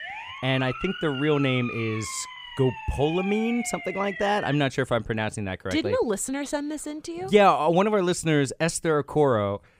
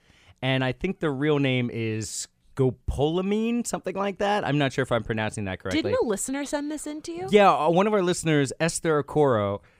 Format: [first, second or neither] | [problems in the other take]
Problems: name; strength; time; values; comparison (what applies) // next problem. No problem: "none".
second | siren; noticeable; until 4.5 s; peak 9 dB below the speech